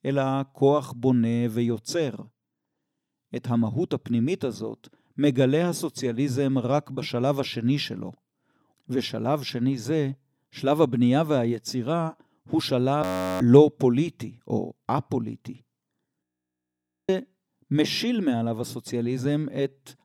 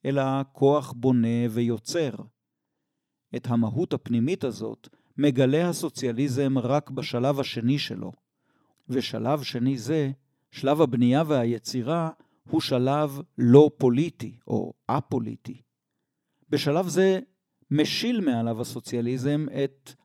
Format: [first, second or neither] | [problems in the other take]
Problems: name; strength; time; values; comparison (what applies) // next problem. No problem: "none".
second | audio freezing; at 13 s and at 16 s for 1 s